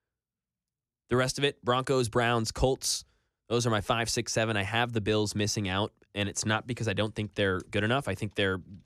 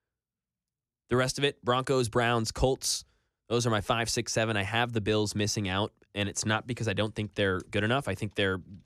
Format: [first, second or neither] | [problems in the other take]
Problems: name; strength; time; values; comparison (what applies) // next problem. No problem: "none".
neither | none